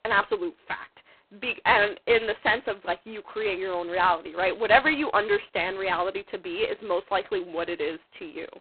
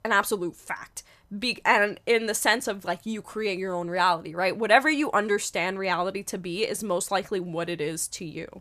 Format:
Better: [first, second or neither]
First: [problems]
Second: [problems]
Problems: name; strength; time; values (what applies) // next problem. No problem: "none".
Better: second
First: phone-call audio; poor line; nothing above 4 kHz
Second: none